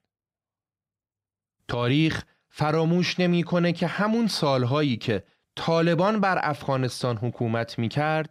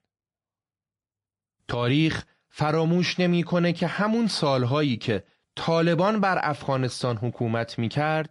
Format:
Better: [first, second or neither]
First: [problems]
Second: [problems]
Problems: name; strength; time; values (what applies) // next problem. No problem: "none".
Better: first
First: none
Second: garbled, watery; slightly; nothing above 11 kHz